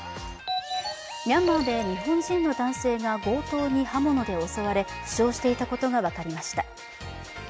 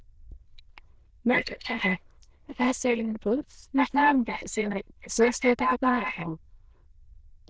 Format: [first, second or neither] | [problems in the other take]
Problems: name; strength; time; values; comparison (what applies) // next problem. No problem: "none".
first | noise reduction (neural diffusion model UNIVERSE++)